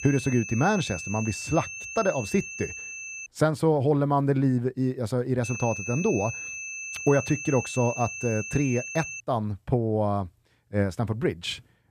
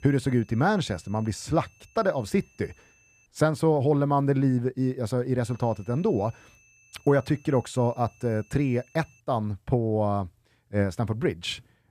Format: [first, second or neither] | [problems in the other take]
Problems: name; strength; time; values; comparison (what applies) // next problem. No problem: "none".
second | high-pitched whine; loud; until 3.5 s and from 5.5 to 9 s; 2.5 kHz, 8 dB below the speech; faint in the second